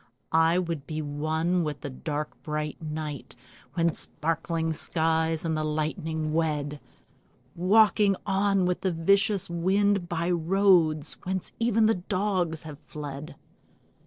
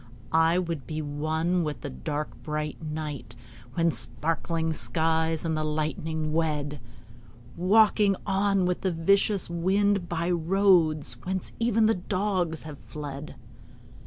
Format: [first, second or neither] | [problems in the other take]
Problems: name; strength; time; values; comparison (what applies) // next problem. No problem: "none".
second | noise reduction (neural separator model SepFormer DNS4)